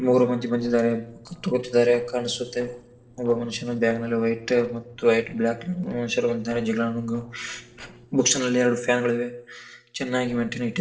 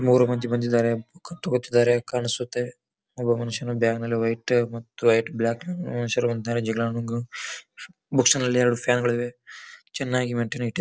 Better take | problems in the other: second | noise reduction (neural separator model SepFormer DNS4)

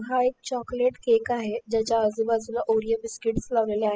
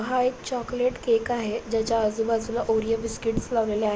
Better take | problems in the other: second | noise reduction (classical method spectral subtraction)

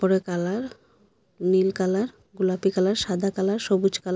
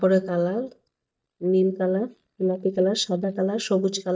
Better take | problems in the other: first | noise reduction (neural mask model DeepFilterNet 3)

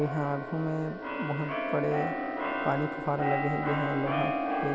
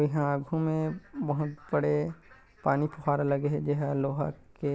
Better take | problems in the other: second | background sound (Keyboard (musical)); as loud as the speech

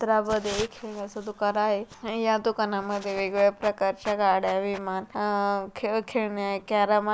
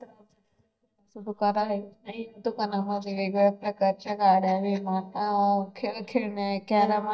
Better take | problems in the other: first | noise reduction (neural mask model DeepFilterNet 3)

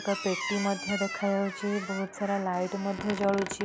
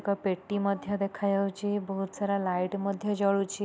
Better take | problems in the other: second | background sound (Squeak); 8 dB below the speech

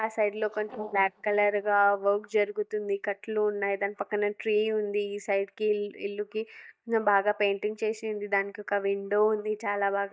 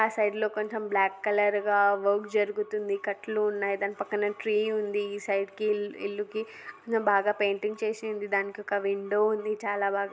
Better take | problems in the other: second | noise reduction (neural mask model DeepFilterNet 3)

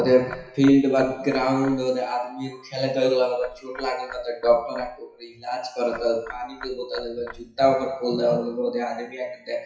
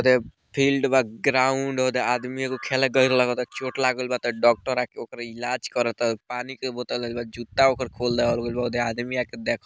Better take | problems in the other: second | noise reduction (classical method WPE with log-MMSE)

